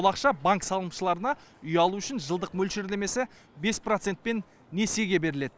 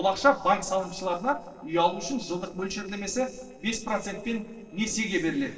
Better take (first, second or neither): first